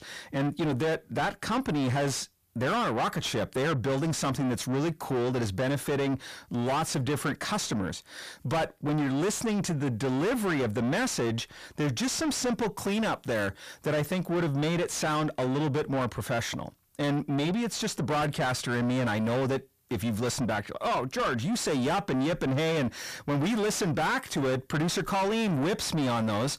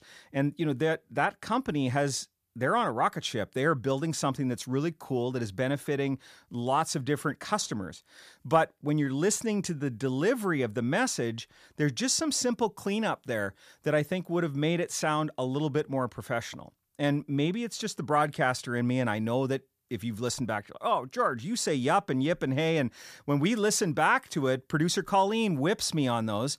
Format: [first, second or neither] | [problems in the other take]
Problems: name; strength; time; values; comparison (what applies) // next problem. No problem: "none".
second | distortion; heavy; 6 dB below the speech